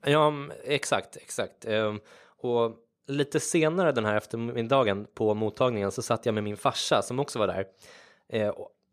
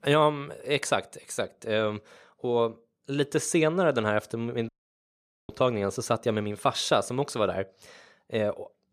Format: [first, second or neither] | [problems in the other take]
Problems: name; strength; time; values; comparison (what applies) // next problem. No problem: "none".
first | audio cutting out; at 4.5 s for 1 s